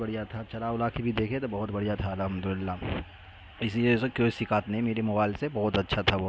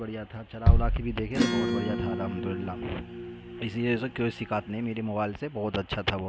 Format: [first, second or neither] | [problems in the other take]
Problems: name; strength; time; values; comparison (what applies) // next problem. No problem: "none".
first | background sound (Acoustic guitar / Strum + Bass drum); 4 dB above the speech